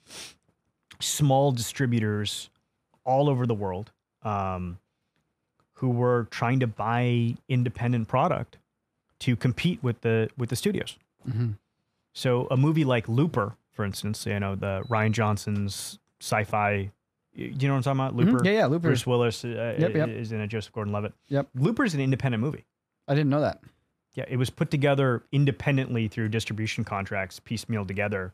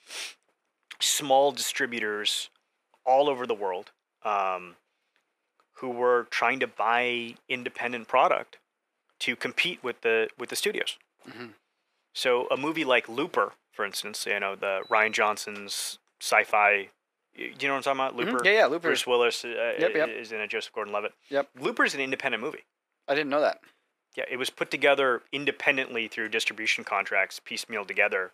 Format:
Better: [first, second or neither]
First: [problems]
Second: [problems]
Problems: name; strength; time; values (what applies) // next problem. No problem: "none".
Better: first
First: none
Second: thin; very; fading below 400 Hz